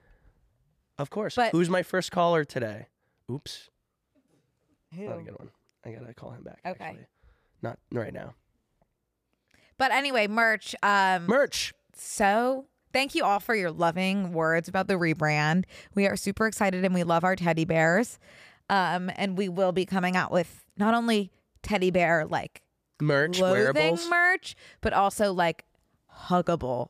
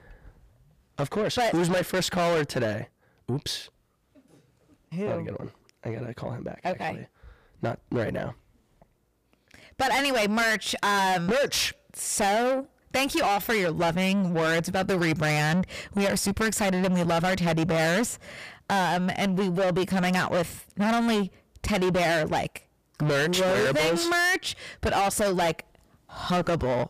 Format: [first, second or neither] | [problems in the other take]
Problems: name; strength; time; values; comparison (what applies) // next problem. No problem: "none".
first | distortion; heavy; 6 dB below the speech